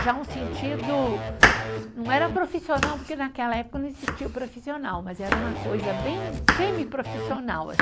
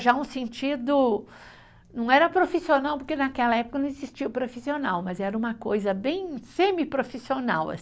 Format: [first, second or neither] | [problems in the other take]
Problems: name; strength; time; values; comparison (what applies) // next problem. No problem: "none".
second | background sound (Electric guitar / Bass guitar + Domestic sounds, home sounds); 1 dB above the speech